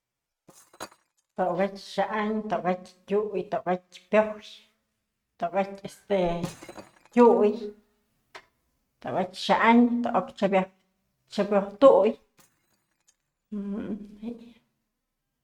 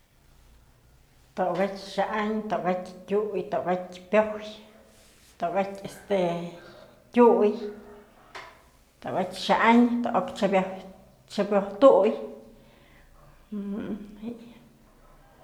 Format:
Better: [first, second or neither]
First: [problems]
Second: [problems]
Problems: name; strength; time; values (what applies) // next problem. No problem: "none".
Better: second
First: noise reduction (neural mask model RNNoise)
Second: none